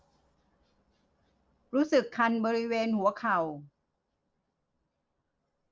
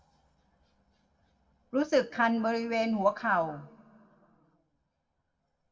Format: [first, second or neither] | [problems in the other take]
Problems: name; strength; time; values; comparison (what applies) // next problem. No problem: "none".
first | room echo; dies away in 1.3 s